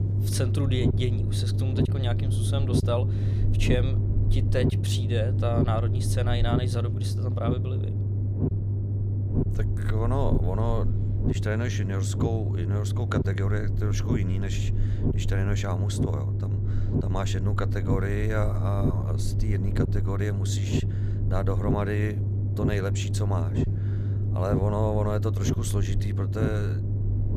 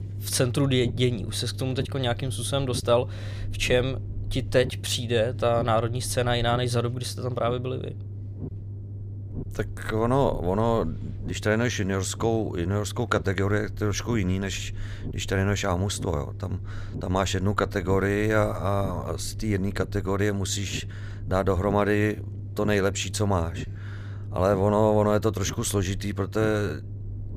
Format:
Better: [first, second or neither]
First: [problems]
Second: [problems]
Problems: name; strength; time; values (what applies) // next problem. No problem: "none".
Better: second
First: low rumble; loud; throughout; 4 dB below the speech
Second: low rumble; faint; throughout; 20 dB below the speech